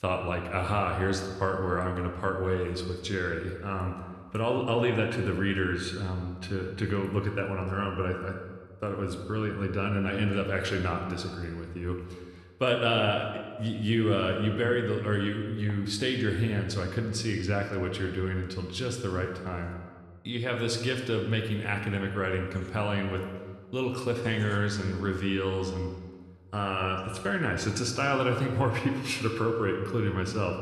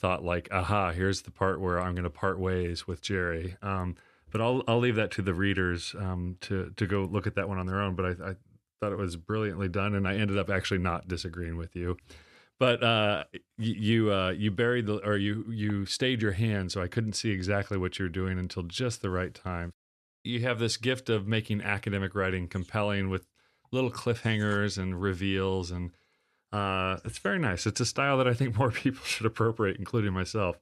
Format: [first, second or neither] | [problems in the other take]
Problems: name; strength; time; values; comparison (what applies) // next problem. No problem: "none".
second | room echo; slight; dies away in 1.2 s